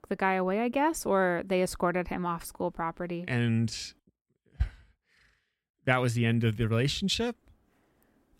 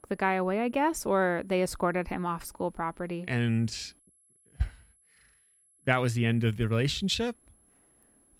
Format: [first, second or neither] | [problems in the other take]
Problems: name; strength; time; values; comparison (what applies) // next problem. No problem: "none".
first | high-pitched whine; faint; throughout; 11 kHz, 35 dB below the speech